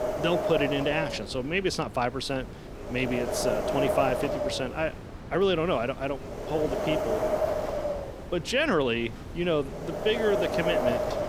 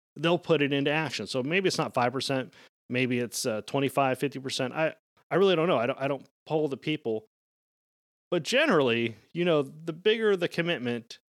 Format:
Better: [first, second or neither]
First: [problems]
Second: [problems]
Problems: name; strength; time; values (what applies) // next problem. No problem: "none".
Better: second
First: wind noise on the microphone; heavy; as loud as the speech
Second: none